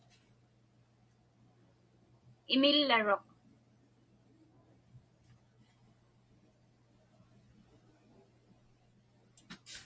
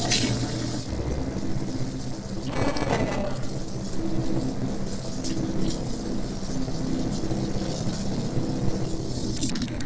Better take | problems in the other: first | noise reduction (neural separator model SepFormer DNS4)

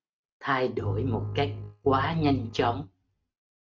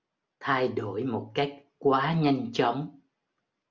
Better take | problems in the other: second | noise reduction (neural mask model RNNoise)

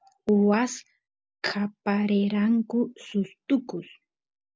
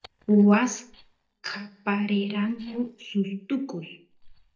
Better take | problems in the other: first | noise reduction (neural mask model DeepFilterNet 3)

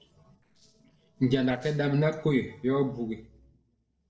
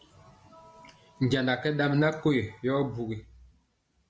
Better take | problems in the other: second | noise reduction (neural separator model SepFormer DNS4)

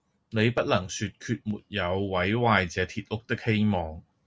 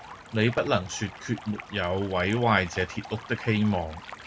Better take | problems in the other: first | background sound (Stream); 16 dB below the speech

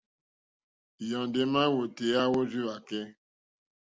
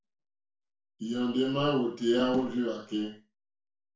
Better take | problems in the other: first | room echo; dies away in 0.3 s

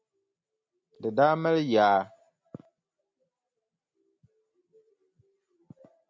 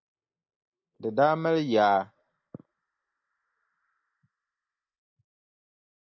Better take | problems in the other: first | noise reduction (neural mask model Resemble Enhance denoiser)

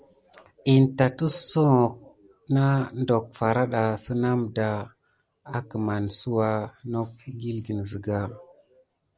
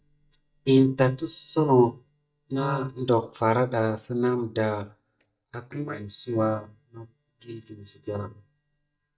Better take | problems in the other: first | noise reduction (neural mask model DeepFilterNet 3)

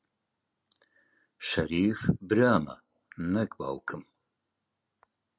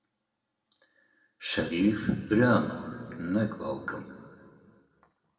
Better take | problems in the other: first | room echo; dies away in 2.1 s

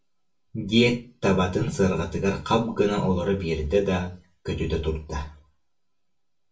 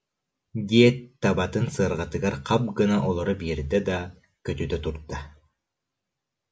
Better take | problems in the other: second | room echo; dies away in 0.2 s

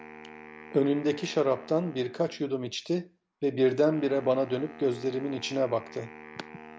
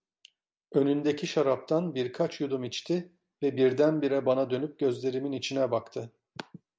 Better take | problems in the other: second | background sound (Wind instrument, woodwind instrument); 19 dB below the speech

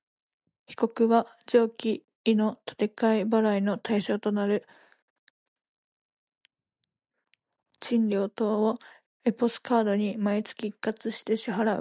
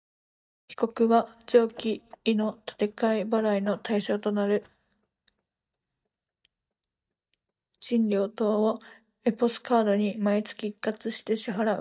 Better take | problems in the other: first | noise reduction (neural mask model DeepFilterNet 3)

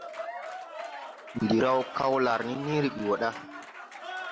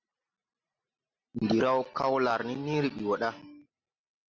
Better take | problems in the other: second | background sound (Applause / Cheering); 10 dB below the speech

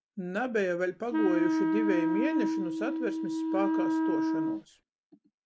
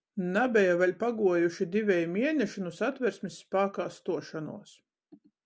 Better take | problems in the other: second | background sound (Wind instrument, woodwind instrument); 5 dB above the speech

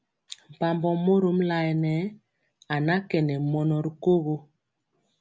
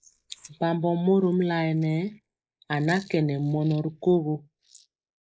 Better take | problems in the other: first | noise reduction (neural mask model Resemble Enhance denoiser)

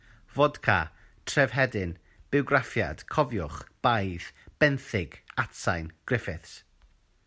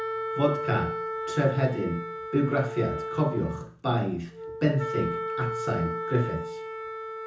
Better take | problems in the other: first | background sound (Wind instrument, woodwind instrument); 5 dB below the speech // room echo; dies away in 0.5 s

